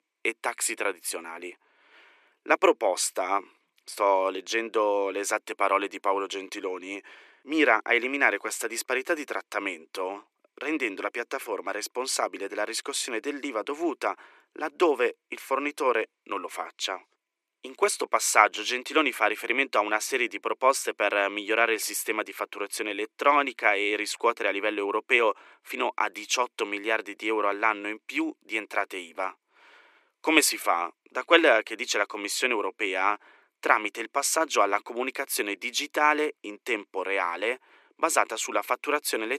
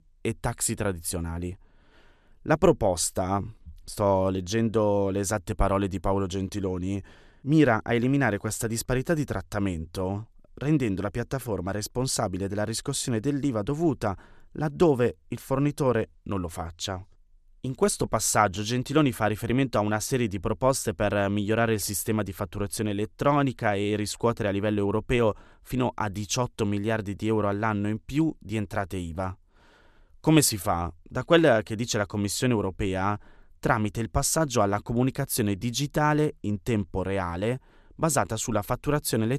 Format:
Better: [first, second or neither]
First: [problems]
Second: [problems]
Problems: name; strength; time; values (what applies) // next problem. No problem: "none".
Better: second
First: thin; very; fading below 300 Hz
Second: none